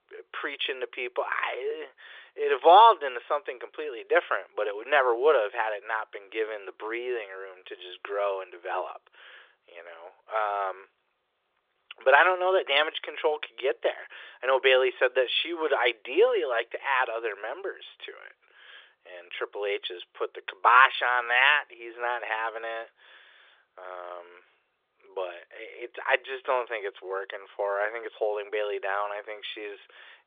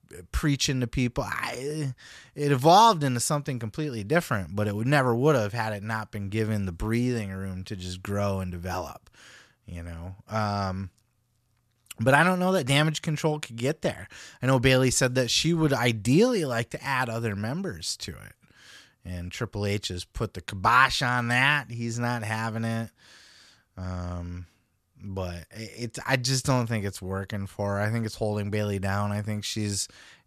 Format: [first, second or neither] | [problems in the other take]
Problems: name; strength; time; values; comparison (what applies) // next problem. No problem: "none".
second | phone-call audio; nothing above 3.5 kHz